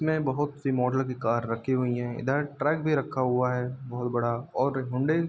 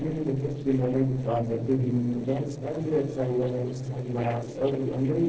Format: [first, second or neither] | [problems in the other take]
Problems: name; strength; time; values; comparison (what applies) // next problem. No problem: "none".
first | noise reduction (neural separator model SepFormer DNS4)